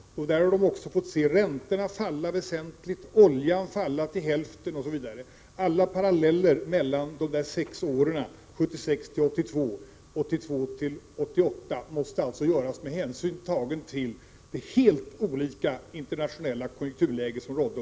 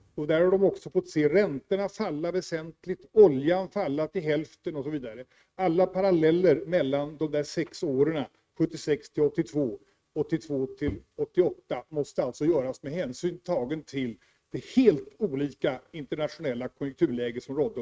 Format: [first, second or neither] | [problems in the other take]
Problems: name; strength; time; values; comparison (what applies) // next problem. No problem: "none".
first | noise reduction (neural mask model RNNoise)